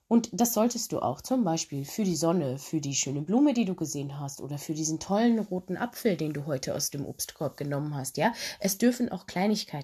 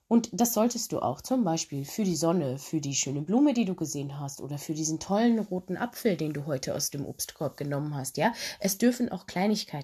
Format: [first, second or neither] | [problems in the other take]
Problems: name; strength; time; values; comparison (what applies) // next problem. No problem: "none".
neither | none